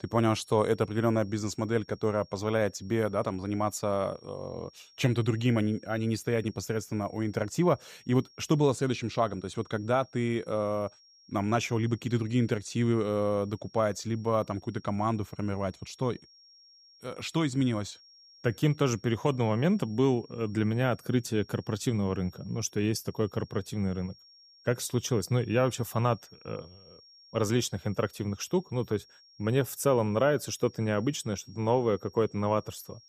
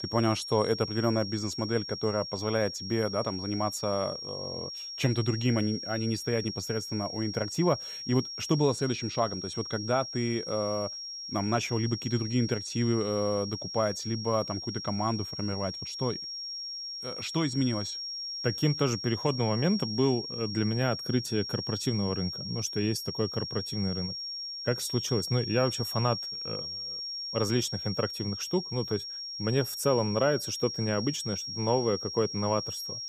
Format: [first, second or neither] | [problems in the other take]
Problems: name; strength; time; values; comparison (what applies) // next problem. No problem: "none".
first | high-pitched whine; loud; throughout; 5.5 kHz, 5 dB below the speech; faint in the first